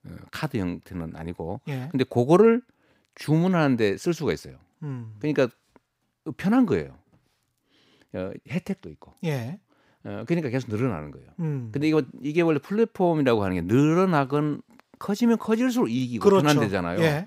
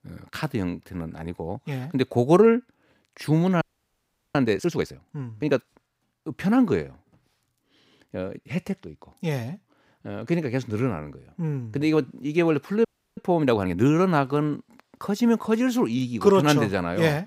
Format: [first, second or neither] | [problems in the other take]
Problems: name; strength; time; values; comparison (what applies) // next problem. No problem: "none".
first | audio freezing; at 3.5 s for 0.5 s and at 13 s